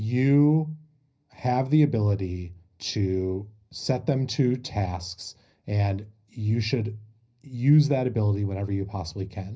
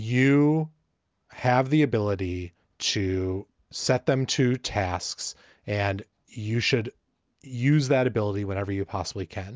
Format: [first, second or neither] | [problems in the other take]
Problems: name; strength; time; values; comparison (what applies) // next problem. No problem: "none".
second | room echo; dies away in 0.4 s